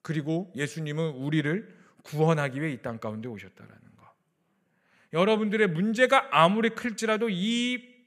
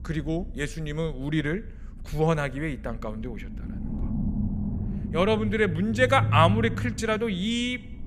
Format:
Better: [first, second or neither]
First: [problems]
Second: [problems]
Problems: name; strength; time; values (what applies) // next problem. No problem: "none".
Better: first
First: none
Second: low rumble; noticeable; throughout; 15 dB below the speech